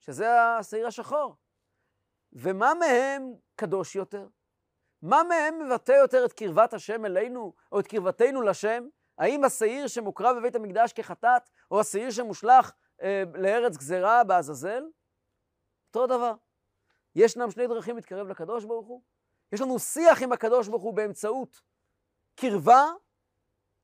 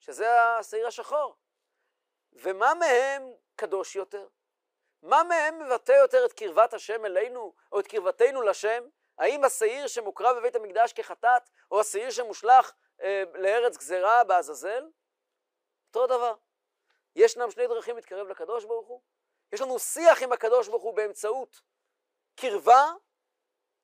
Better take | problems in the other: first | thin; very; fading below 400 Hz

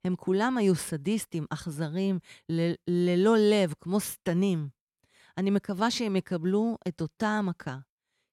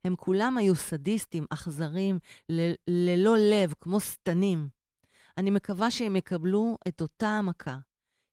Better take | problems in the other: first | garbled, watery; slightly; nothing above 15.5 kHz

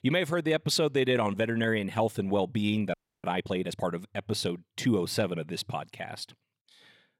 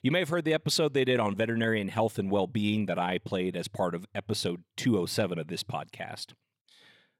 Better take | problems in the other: second | audio freezing; at 3 s

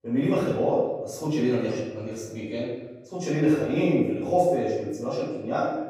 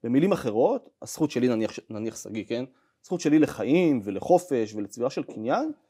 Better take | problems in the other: second | off-mic speech; far // room echo; noticeable; dies away in 1 s

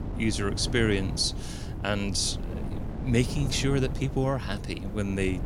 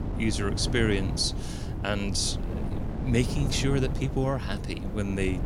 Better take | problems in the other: first | wind noise on the microphone; heavy; 9 dB below the speech; occasional gusts in the first

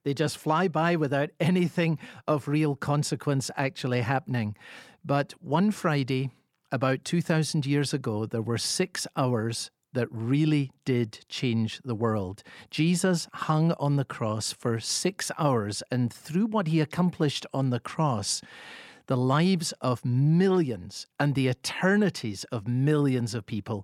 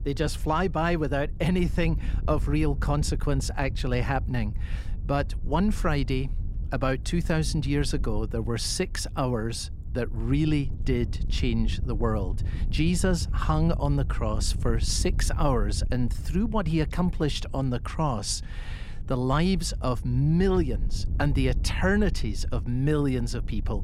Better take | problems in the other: first | wind noise on the microphone; occasional gusts; 20 dB below the speech

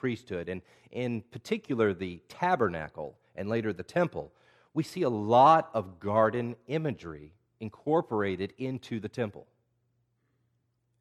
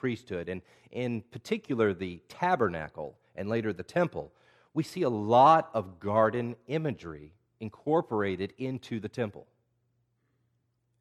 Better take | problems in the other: neither | none

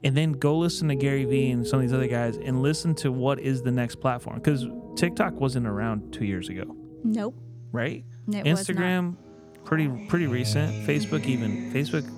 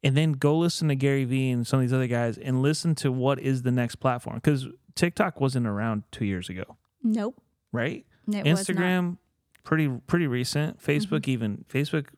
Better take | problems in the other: second | background music; loud; throughout; 9 dB below the speech

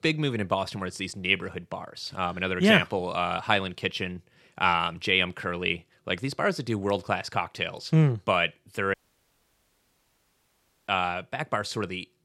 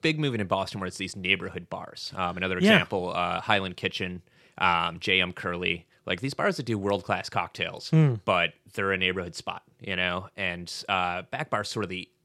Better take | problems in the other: second | audio cutting out; at 9 s for 2 s

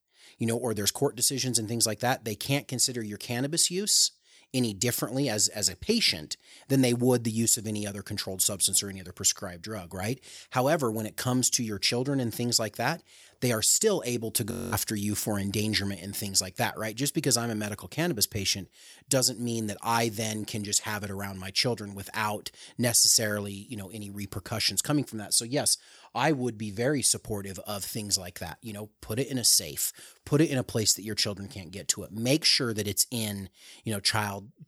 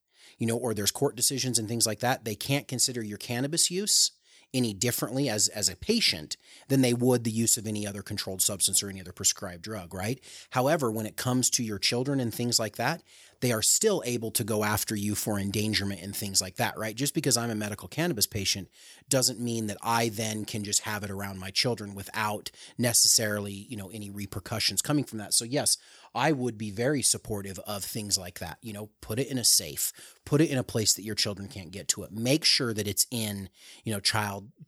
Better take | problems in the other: second | audio freezing; at 15 s

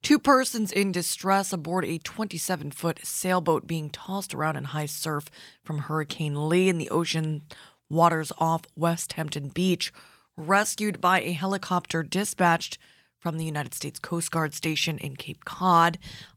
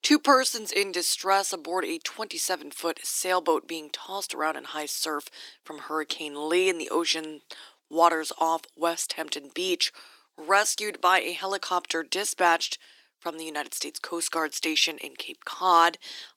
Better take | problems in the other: first | thin; somewhat; fading below 300 Hz

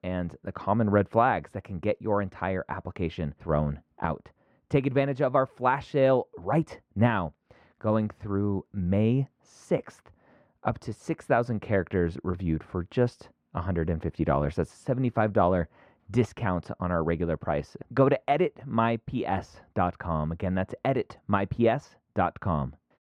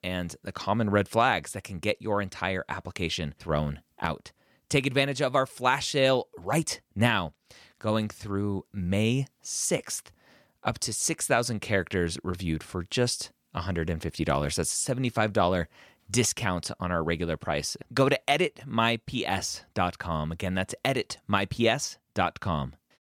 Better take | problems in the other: second | muffled; very; fading above 3 kHz

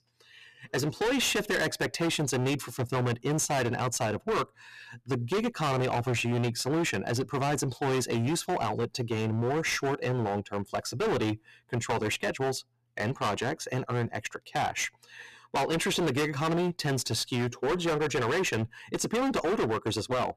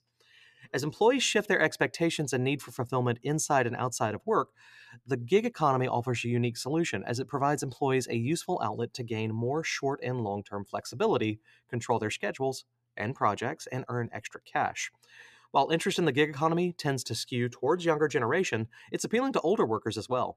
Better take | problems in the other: second | distortion; heavy; 22% of the sound clipped

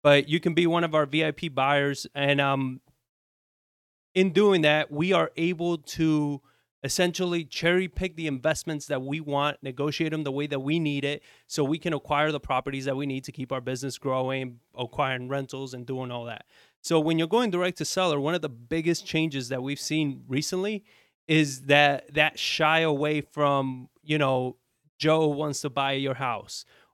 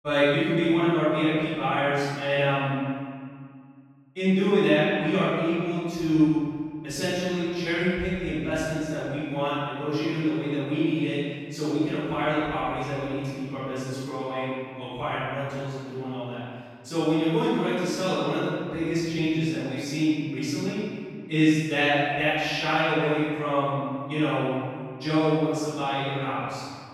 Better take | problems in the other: first | off-mic speech; far // room echo; strong; dies away in 2 s

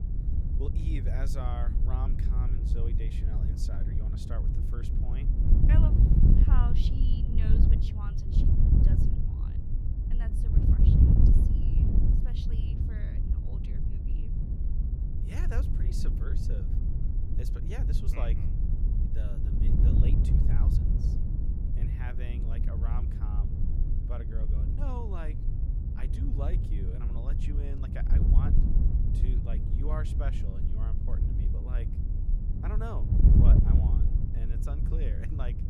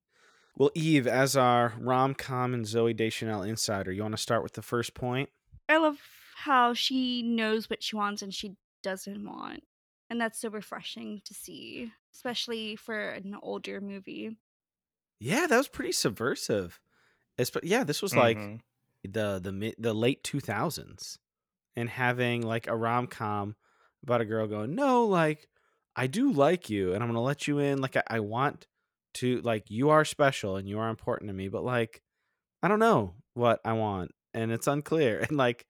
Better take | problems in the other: second | wind noise on the microphone; heavy; 2 dB above the speech

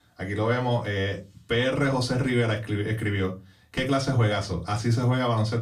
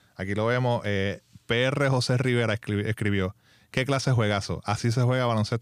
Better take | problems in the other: second | off-mic speech; far // room echo; very slight; dies away in 0.2 s

